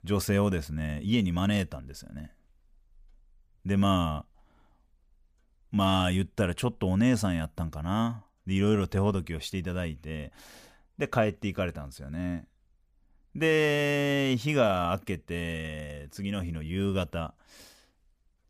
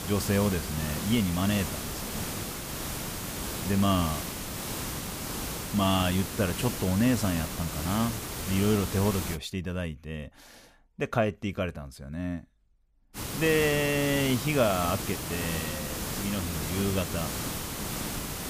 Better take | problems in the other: first | hiss; loud; until 9.5 s and from 13 s on; 5 dB below the speech

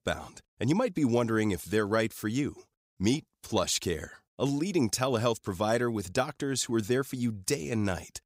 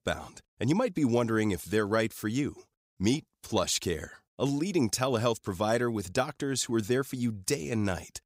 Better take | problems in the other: neither | none

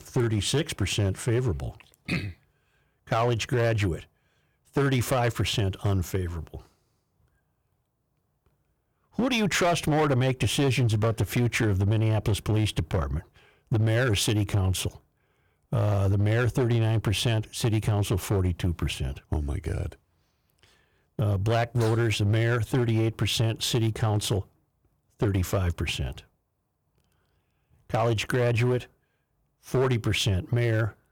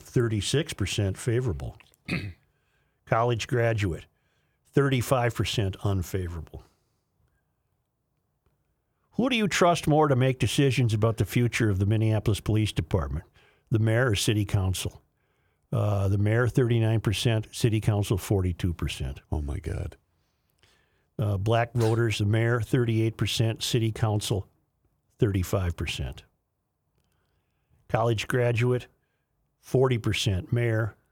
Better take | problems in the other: second | distortion; slight; 8% of the sound clipped

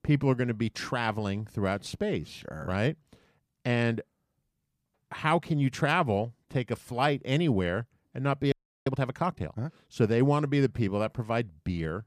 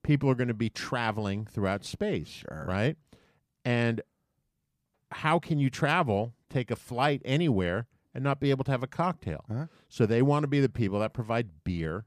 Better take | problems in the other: second | audio freezing; at 8.5 s

